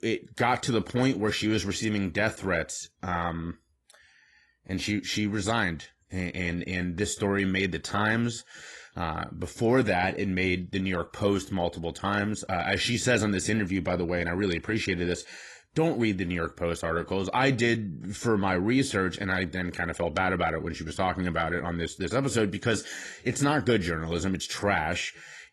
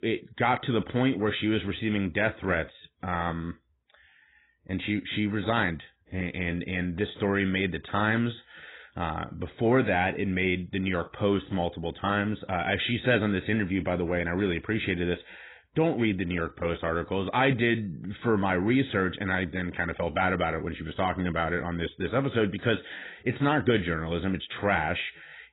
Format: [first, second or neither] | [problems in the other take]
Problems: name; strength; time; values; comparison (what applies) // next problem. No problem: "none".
first | garbled, watery; badly; nothing above 4 kHz; slightly in the first